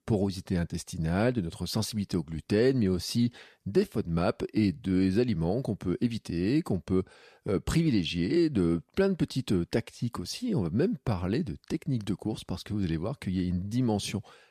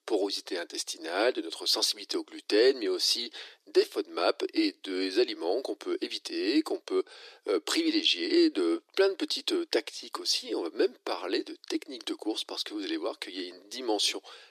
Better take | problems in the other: first | thin; very; fading below 300 Hz

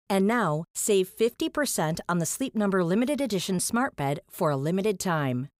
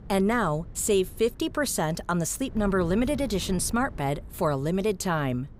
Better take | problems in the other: first | wind noise on the microphone; occasional gusts; 25 dB below the speech

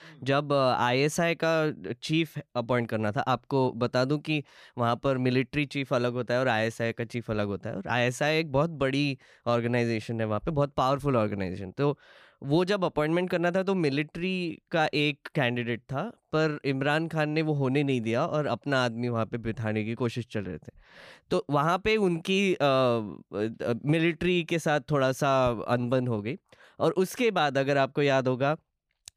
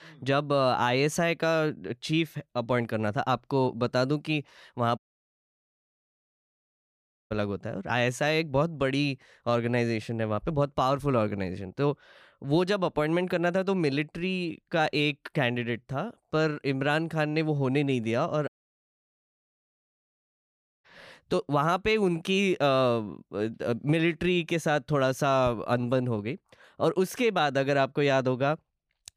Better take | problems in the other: first | audio cutting out; at 5 s for 2.5 s and at 18 s for 2.5 s

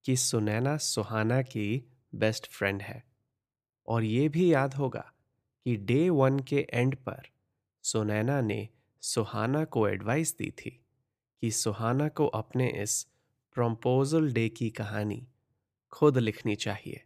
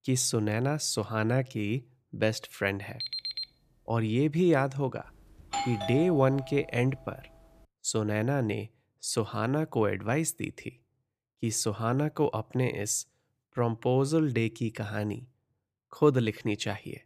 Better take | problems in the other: first | alarm; noticeable; at 3 s; peak 4 dB below the speech // doorbell; noticeable; from 5.5 to 6.5 s; peak 4 dB below the speech

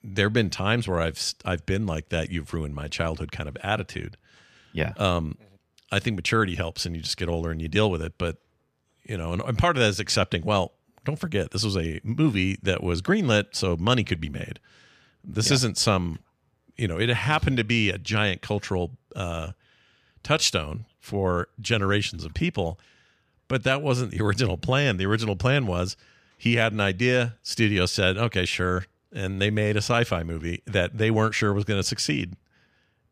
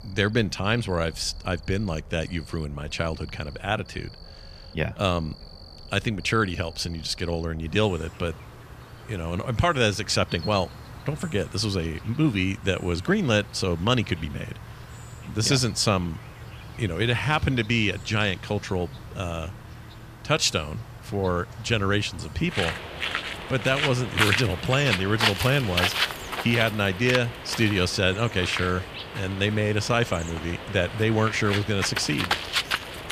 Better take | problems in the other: first | animal sounds; loud; throughout; 6 dB below the speech

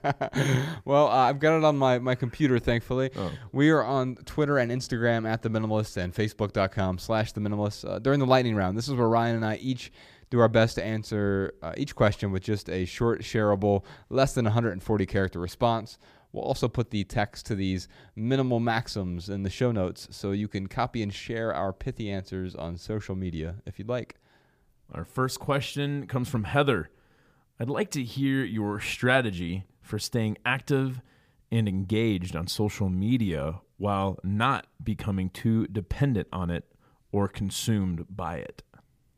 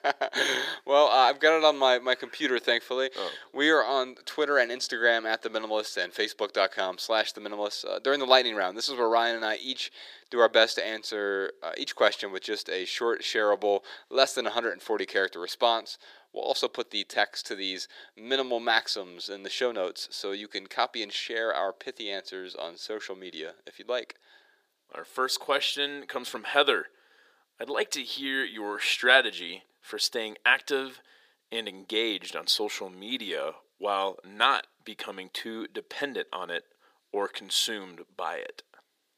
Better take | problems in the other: first | thin; very; fading below 350 Hz

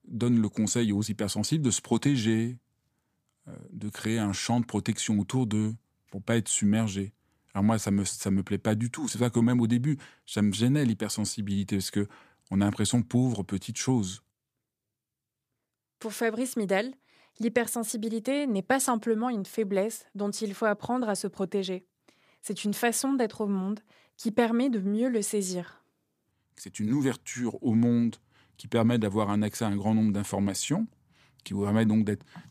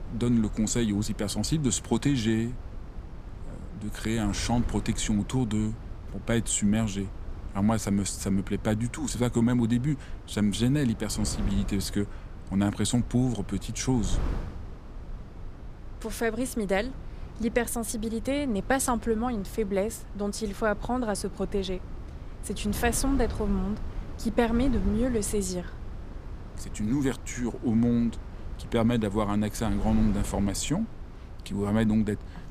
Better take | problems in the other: first | wind noise on the microphone; occasional gusts; 15 dB below the speech

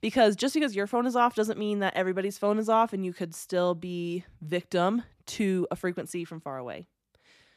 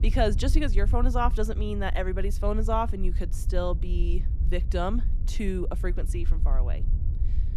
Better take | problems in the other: first | low rumble; noticeable; throughout; 15 dB below the speech

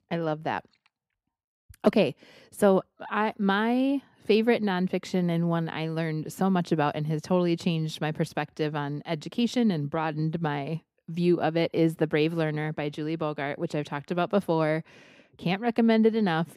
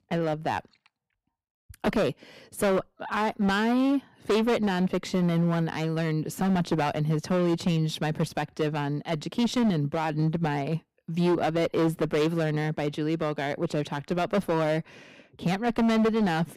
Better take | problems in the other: first | distortion; heavy; 11% of the sound clipped

